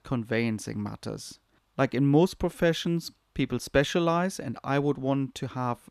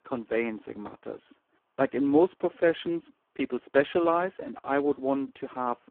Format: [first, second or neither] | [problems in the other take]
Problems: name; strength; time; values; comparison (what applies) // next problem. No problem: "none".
first | phone-call audio; poor line